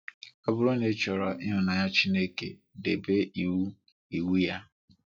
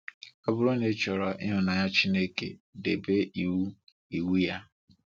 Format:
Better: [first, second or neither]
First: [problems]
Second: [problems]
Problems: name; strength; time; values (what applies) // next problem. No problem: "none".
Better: second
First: noise reduction (classical method log-MMSE)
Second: none